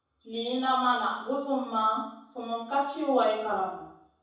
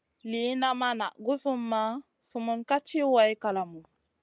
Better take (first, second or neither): second